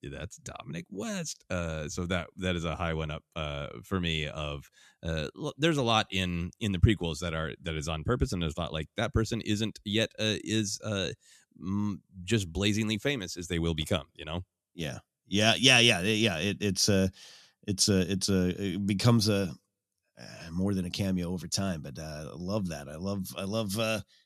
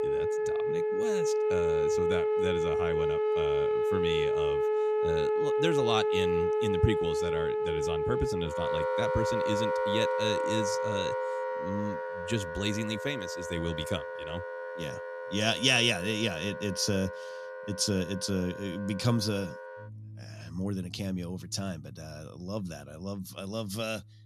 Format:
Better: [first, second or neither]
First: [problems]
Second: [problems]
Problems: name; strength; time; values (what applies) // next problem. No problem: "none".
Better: first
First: none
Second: background music; very loud; throughout; 3 dB above the speech